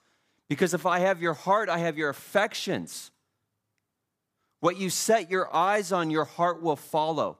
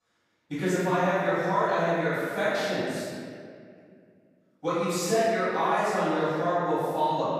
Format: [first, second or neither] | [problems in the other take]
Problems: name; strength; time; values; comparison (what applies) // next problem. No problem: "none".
first | off-mic speech; far // room echo; strong; dies away in 2 s